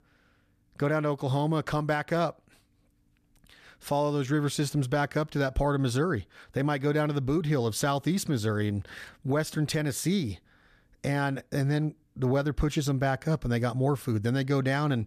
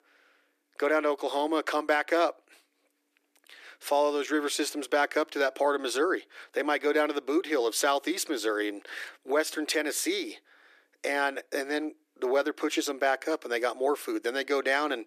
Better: first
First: none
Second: thin; very; fading below 300 Hz

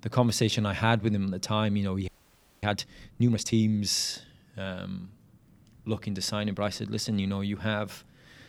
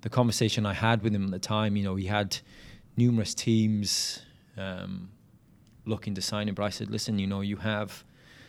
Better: second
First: audio freezing; at 2 s for 0.5 s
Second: none

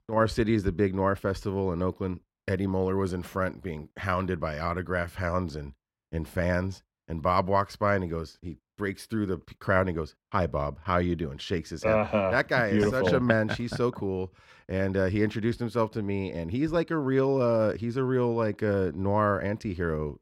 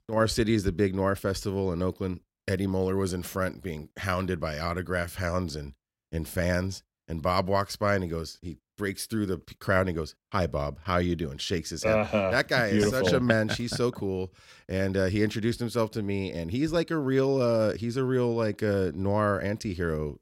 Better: second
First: muffled; slightly; fading above 3.5 kHz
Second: none

